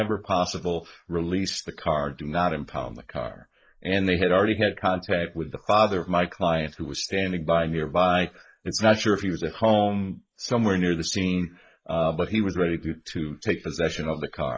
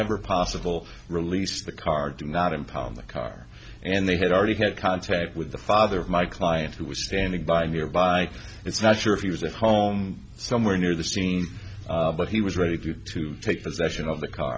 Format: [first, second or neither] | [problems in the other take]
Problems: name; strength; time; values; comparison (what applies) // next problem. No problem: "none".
second | noise reduction (neural mask model Resemble Enhance denoiser)